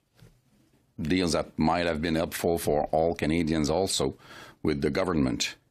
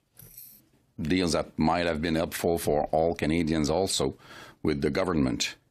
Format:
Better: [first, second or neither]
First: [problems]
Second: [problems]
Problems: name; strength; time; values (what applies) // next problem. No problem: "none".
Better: first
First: none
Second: jangling keys; faint; at the start; peak 20 dB below the speech